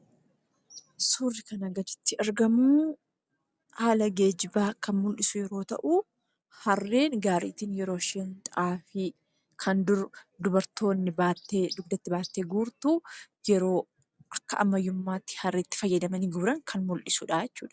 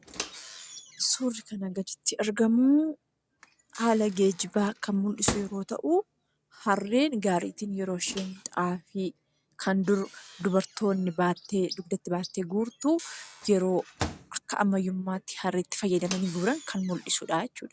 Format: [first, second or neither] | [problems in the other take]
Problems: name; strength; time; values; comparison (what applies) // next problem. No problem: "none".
first | background sound (Microwave oven); 16 dB below the speech